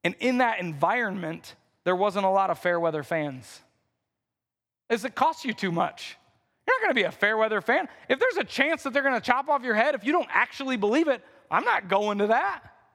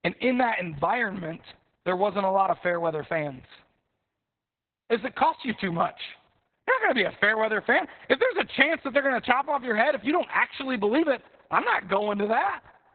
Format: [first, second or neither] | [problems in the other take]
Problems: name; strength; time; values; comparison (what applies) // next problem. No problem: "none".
first | garbled, watery; badly; nothing above 4 kHz